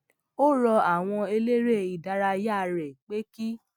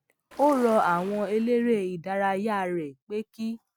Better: first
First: none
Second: background sound (Ocean); 19 dB below the speech

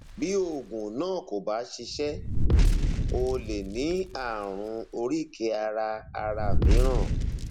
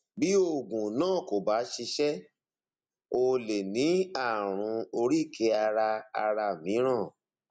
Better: second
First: background sound (Fire); 4 dB above the speech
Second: none

